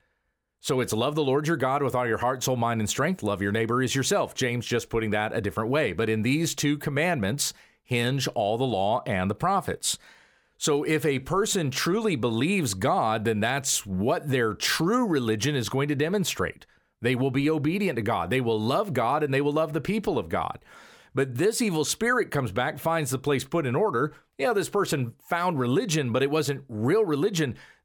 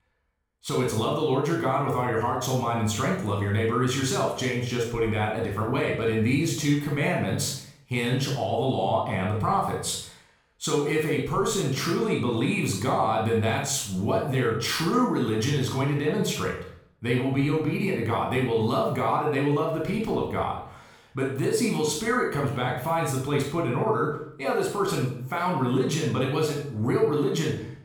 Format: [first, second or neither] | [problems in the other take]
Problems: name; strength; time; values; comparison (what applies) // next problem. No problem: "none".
first | off-mic speech; somewhat distant // room echo; noticeable; dies away in 0.6 s